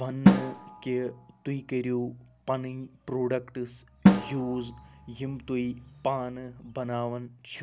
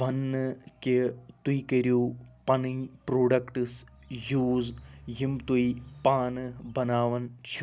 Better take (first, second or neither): second